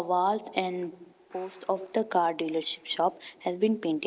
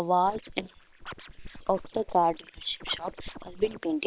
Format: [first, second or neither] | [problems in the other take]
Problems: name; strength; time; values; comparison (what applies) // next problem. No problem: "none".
first | noise reduction (neural separator model SepFormer WHAM!)